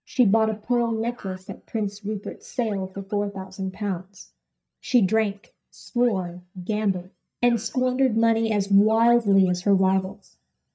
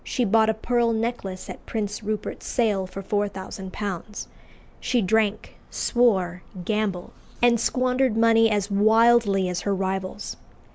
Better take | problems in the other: second | noise reduction (neural mask model DeepFilterNet 3)

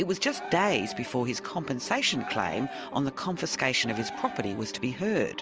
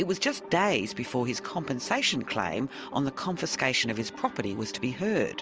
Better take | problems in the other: second | background sound (Cheering); 13 dB below the speech

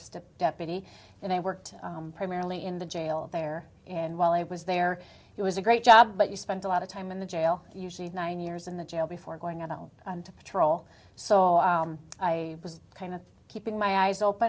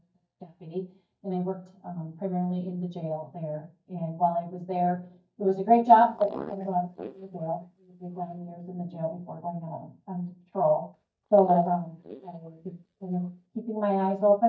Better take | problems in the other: first | noise reduction (neural mask model DeepFilterNet 3)

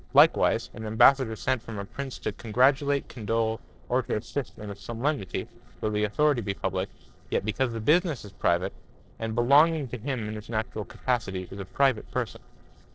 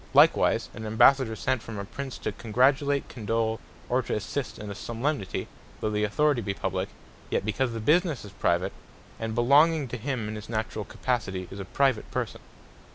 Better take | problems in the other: second | noise reduction (neural separator model SepFormer DNS4)

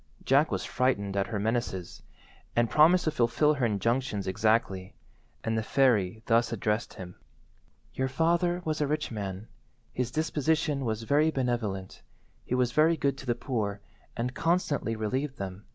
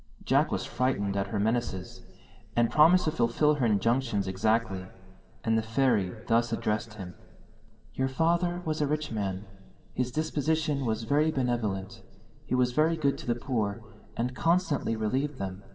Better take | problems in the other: first | room echo; dies away in 1.9 s

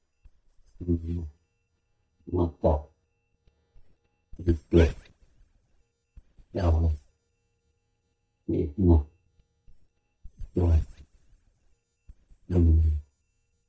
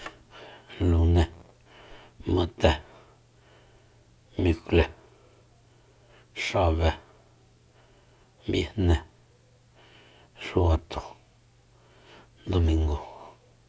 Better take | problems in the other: second | noise reduction (neural mask model DeepFilterNet 3)

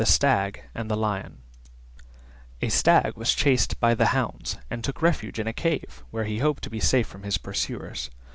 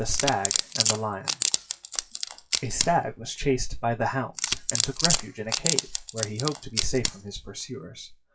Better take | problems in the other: first | noise reduction (classical method WPE with log-MMSE)

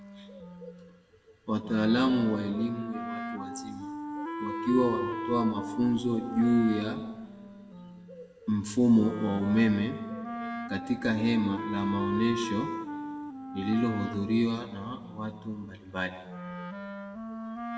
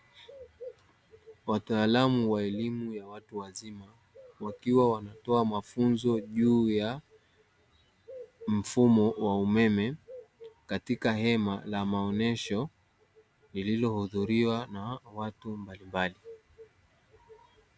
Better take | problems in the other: second | background sound (Wind instrument, woodwind instrument); 8 dB below the speech // room echo; dies away in 1.3 s

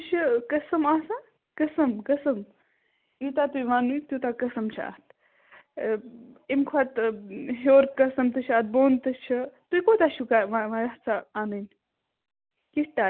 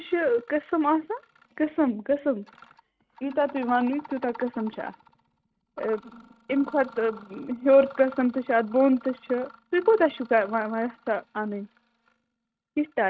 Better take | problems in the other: first | noise reduction (neural mask model RNNoise)

